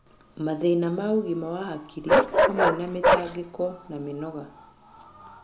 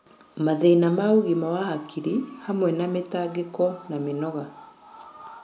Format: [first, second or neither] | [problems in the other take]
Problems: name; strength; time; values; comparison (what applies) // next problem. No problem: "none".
second | background sound (Bark); 2 dB above the speech